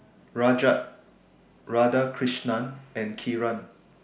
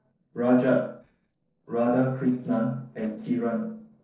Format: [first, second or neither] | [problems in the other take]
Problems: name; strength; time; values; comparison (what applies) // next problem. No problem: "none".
first | noise reduction (neural separator model SepFormer DNS4)